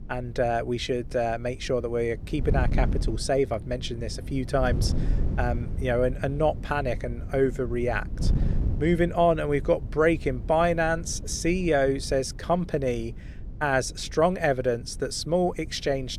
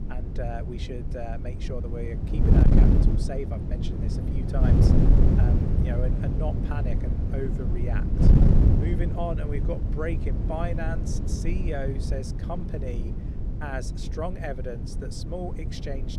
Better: first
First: wind noise on the microphone; occasional gusts; 20 dB below the speech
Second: wind noise on the microphone; heavy; as loud as the speech

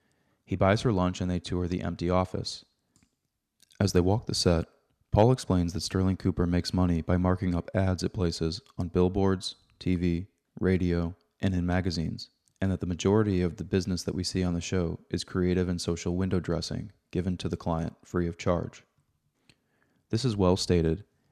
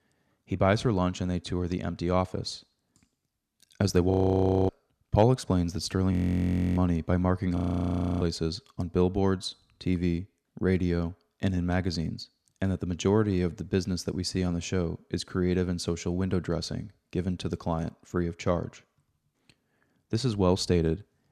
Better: first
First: none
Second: audio freezing; at 4 s for 0.5 s, at 6 s for 0.5 s and at 7.5 s for 0.5 s

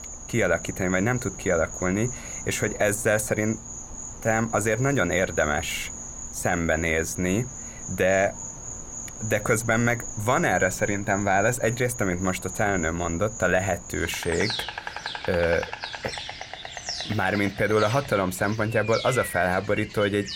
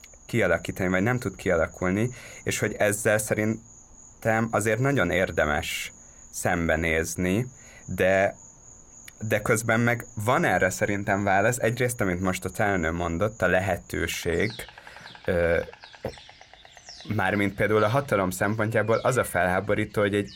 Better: second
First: animal sounds; loud; throughout; 10 dB below the speech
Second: animal sounds; faint; throughout; 20 dB below the speech

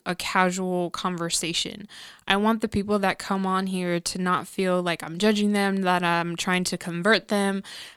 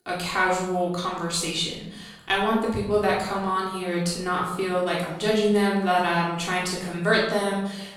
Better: first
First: none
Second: off-mic speech; far // room echo; noticeable; dies away in 0.8 s

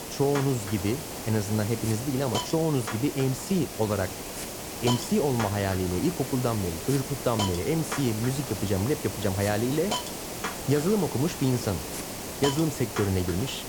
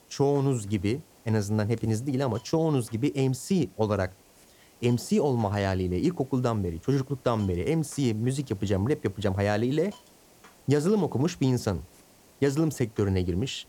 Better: second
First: hiss; loud; throughout; 6 dB below the speech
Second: hiss; faint; throughout; 25 dB below the speech

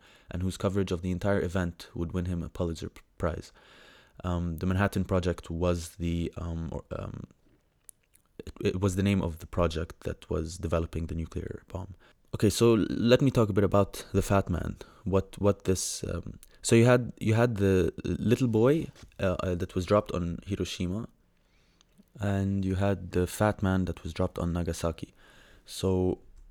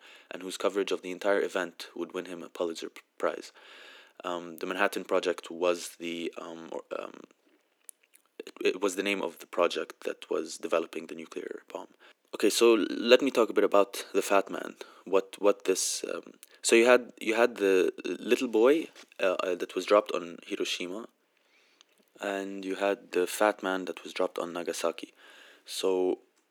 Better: first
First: none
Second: thin; somewhat; fading below 300 Hz

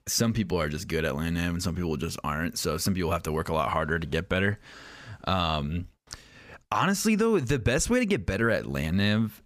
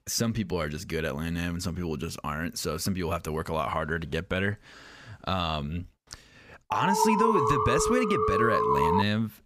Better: first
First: none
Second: alarm; loud; from 6.5 s on; peak 5 dB above the speech

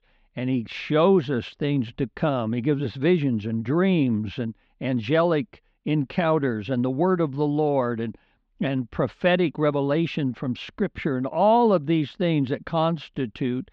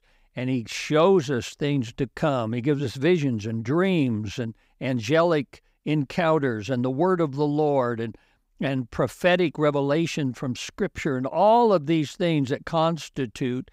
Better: second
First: muffled; slightly; fading above 3.5 kHz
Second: none

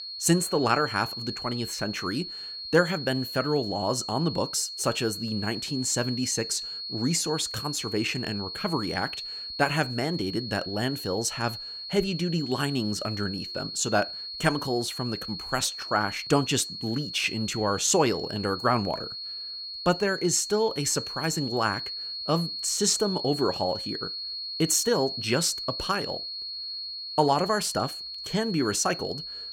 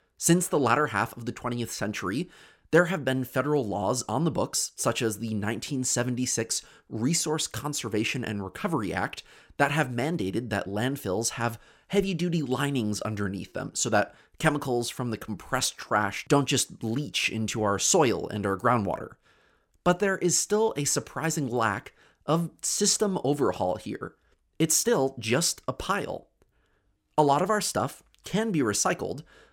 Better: second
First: high-pitched whine; loud; throughout; 4.5 kHz, 6 dB below the speech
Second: none

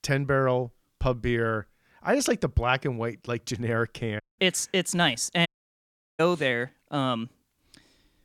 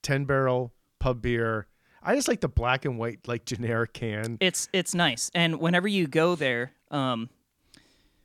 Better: second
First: audio cutting out; at 4 s and at 5.5 s for 0.5 s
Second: none

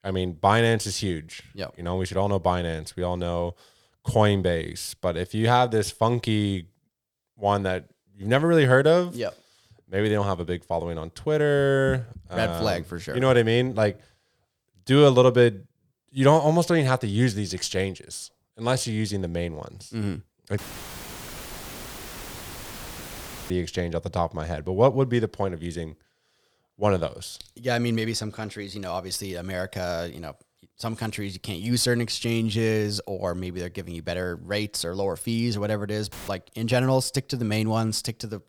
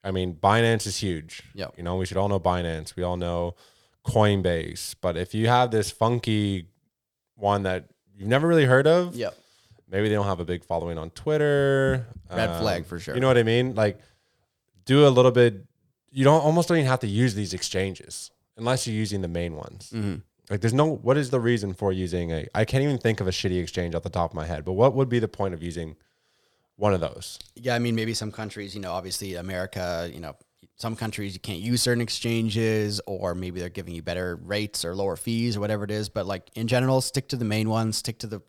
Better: second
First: audio cutting out; filled with static; at 21 s for 3 s and at 36 s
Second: none

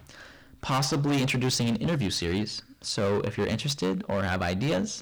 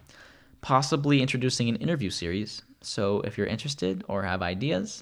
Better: second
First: distortion; heavy; 15% of the sound clipped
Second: none

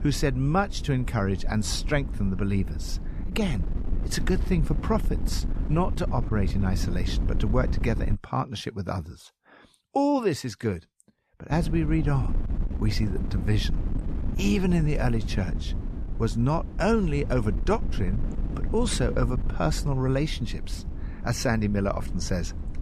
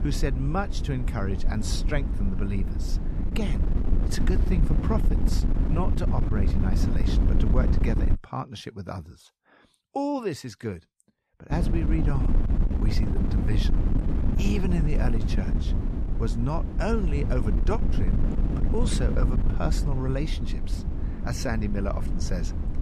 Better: first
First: wind noise on the microphone; occasional gusts; until 8 s and from 12 s on; 15 dB below the speech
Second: wind noise on the microphone; heavy; until 8 s and from 12 s on; 4 dB below the speech

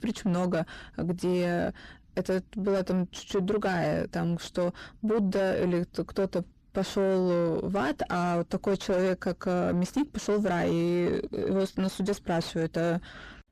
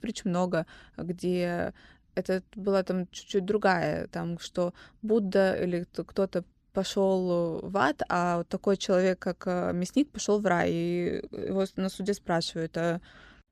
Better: second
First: distortion; heavy; 7 dB below the speech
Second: none

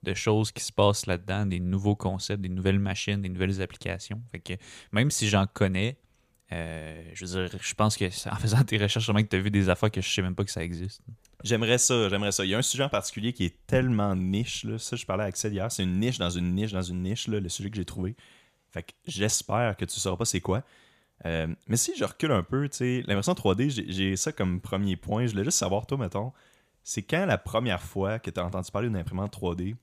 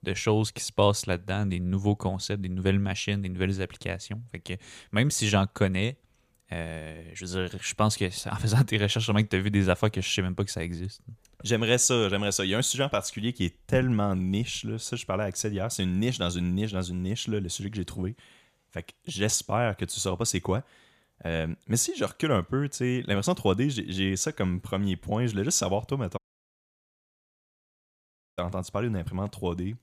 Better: first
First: none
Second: audio cutting out; at 26 s for 2 s

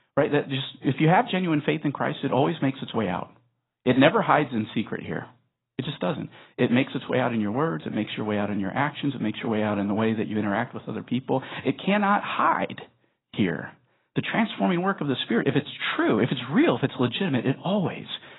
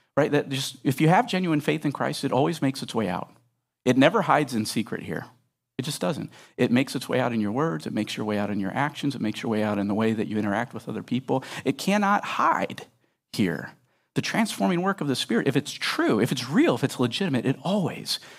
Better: second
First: garbled, watery; badly; nothing above 4 kHz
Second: none

